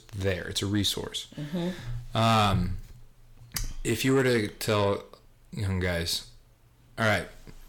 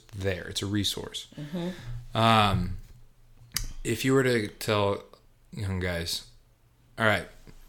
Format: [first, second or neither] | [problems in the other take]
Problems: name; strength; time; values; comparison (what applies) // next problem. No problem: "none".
second | distortion; slight; 10 dB below the speech